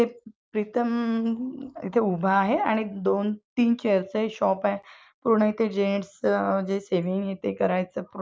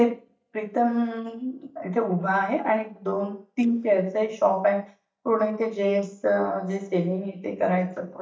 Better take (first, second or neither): first